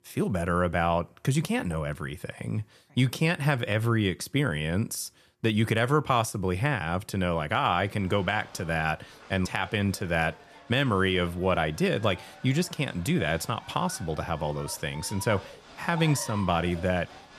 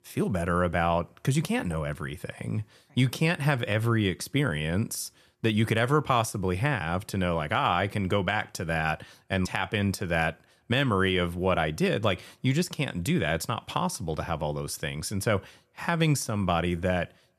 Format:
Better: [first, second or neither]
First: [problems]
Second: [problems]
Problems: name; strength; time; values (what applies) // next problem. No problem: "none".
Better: second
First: crowd noise; noticeable; from 8 s on; 20 dB below the speech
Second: none